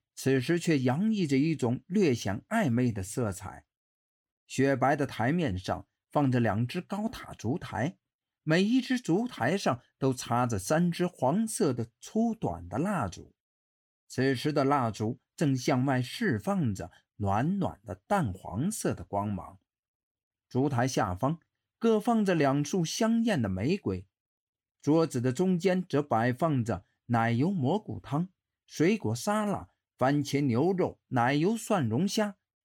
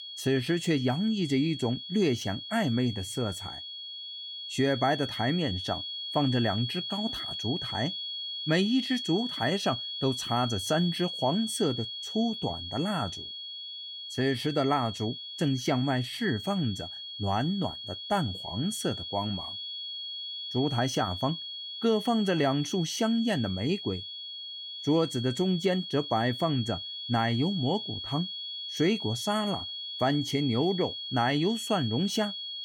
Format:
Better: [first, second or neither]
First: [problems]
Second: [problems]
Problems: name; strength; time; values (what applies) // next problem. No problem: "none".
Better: first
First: none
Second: high-pitched whine; loud; throughout; 3.5 kHz, 6 dB below the speech